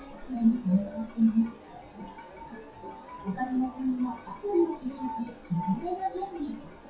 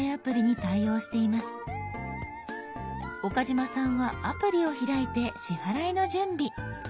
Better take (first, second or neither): second